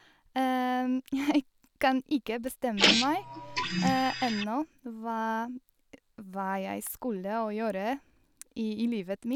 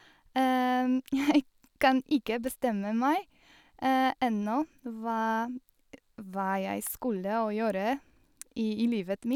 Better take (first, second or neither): second